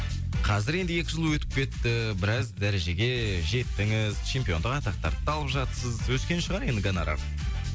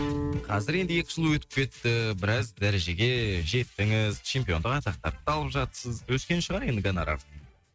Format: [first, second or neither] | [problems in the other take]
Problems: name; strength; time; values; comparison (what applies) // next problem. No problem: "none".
first | noise reduction (neural mask model RNNoise)